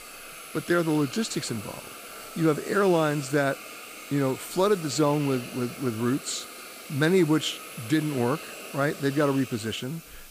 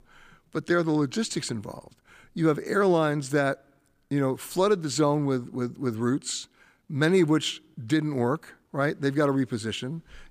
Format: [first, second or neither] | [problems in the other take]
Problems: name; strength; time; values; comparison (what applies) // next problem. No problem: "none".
second | hiss; noticeable; throughout; 15 dB below the speech